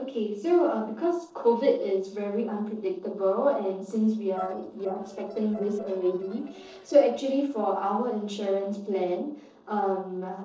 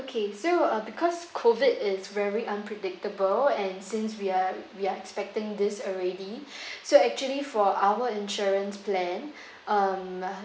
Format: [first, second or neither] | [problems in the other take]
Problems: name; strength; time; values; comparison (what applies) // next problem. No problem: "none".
second | noise reduction (neural separator model SepFormer DNS4)